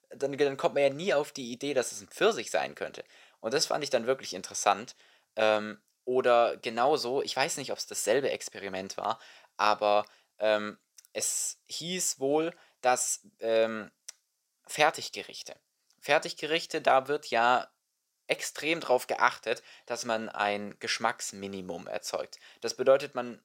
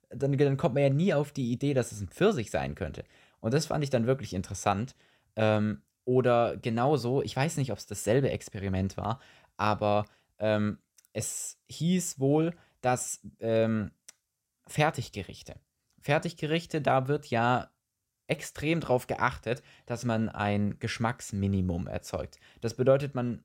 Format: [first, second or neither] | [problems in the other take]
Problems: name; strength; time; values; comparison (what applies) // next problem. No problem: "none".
second | thin; somewhat; fading below 450 Hz